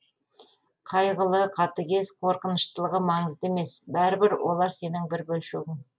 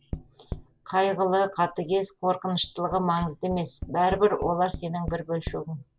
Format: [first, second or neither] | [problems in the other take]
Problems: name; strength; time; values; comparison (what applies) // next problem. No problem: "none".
first | background sound (Tap); 14 dB below the speech